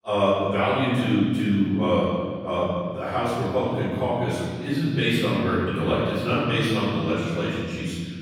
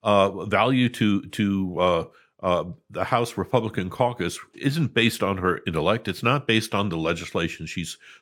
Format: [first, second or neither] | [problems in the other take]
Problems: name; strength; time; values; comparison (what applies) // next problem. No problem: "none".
second | off-mic speech; far // room echo; strong; dies away in 2.2 s